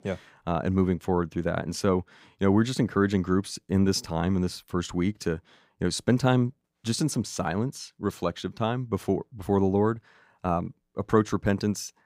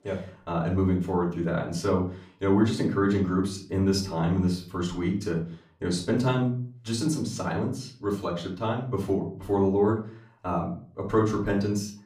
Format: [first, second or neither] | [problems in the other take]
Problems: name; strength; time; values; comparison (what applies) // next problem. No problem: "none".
first | off-mic speech; far // room echo; slight; dies away in 0.4 s